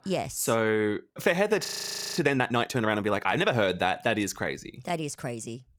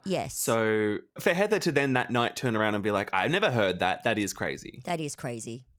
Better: second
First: audio freezing; at 1.5 s for 0.5 s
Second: none

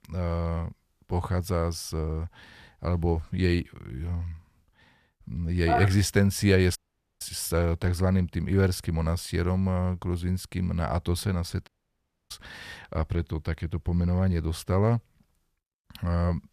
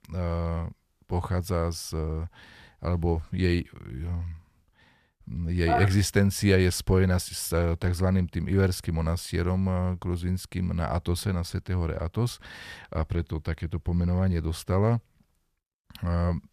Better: second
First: audio cutting out; at 7 s and at 12 s for 0.5 s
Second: none

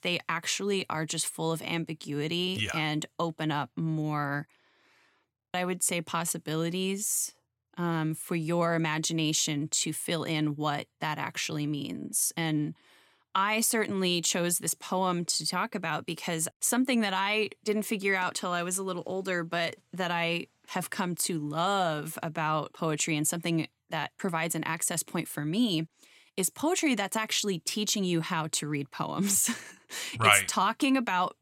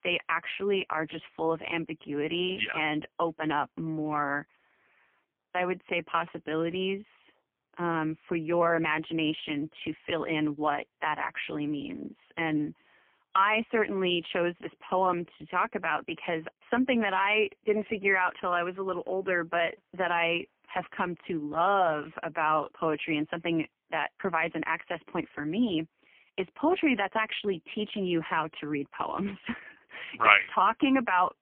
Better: first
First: none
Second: phone-call audio; poor line; nothing above 3 kHz

